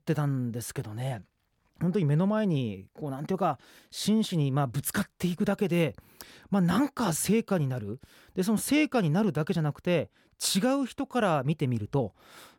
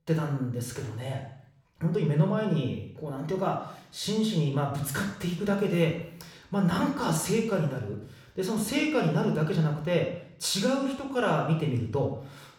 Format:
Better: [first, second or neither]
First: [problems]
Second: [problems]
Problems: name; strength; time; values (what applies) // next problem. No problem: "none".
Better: first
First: none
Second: room echo; noticeable; dies away in 0.7 s // off-mic speech; somewhat distant